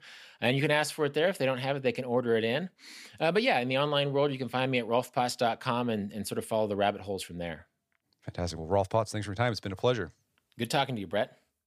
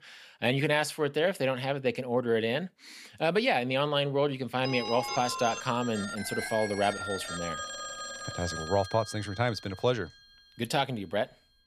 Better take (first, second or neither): first